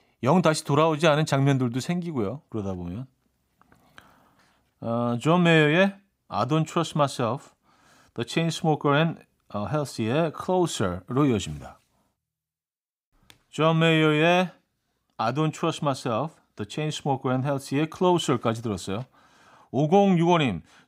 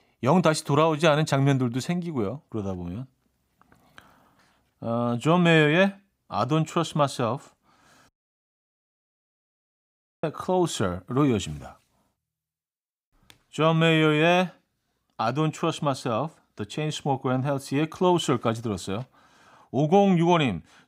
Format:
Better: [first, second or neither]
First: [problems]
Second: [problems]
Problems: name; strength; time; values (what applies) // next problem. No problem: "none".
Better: first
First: none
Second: audio cutting out; at 8 s for 2 s